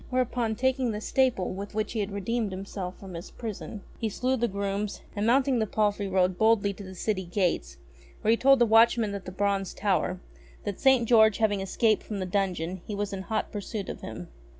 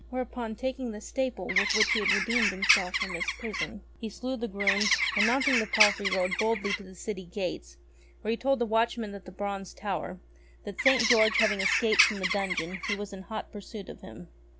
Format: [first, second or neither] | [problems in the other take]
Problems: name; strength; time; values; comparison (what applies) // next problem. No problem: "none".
first | background sound (Bird); 4 dB above the speech